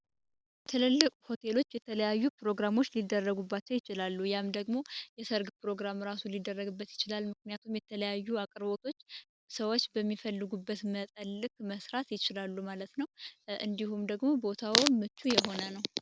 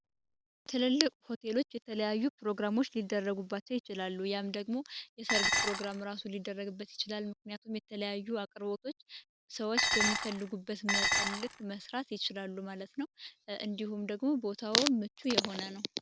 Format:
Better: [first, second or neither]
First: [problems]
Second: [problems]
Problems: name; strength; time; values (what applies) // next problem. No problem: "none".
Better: first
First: none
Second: background sound (Dishes, pots, and pans); 3 dB above the speech